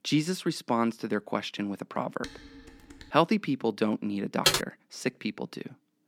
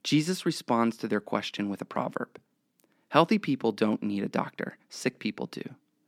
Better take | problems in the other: second | clattering dishes; faint; at 2 s; peak 15 dB below the speech // keyboard typing; loud; at 4.5 s; peak 6 dB above the speech

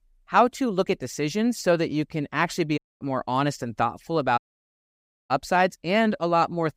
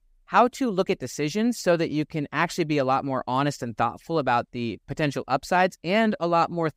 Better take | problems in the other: second | audio cutting out; at 3 s and at 4.5 s for 1 s

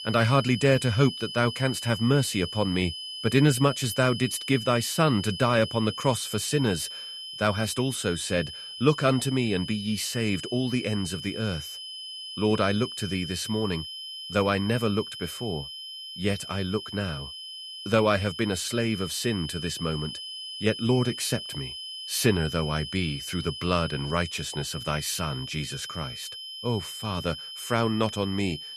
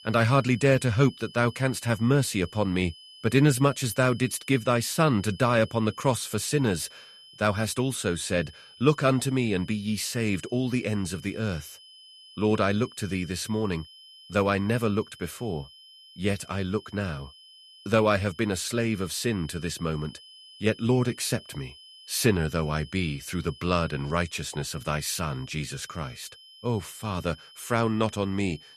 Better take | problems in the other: second | high-pitched whine; loud; throughout; 3 kHz, 9 dB below the speech; faint in the second

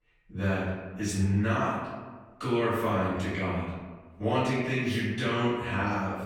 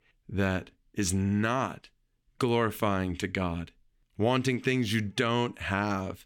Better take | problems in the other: second | off-mic speech; far // room echo; strong; dies away in 1.2 s

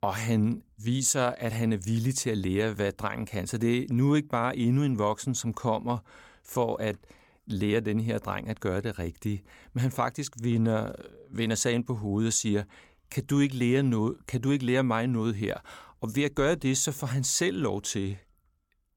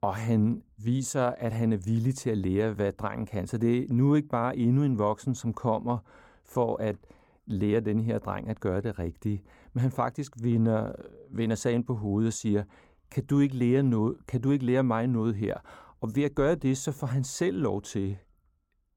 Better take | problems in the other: first | muffled; slightly; fading above 1.5 kHz

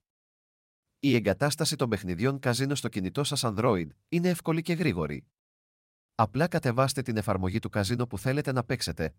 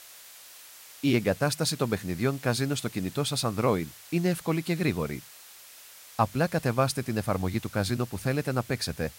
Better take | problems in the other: first | hiss; noticeable; throughout; 20 dB below the speech

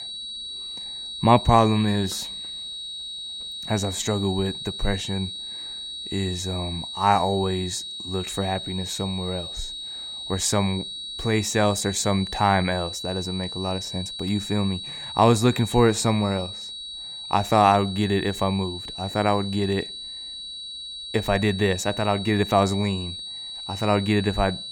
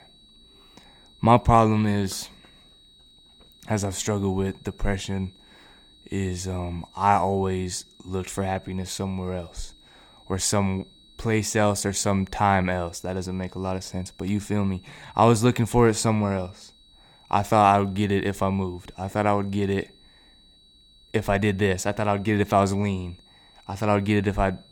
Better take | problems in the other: second | high-pitched whine; loud; throughout; 4 kHz, 8 dB below the speech; faint in the second

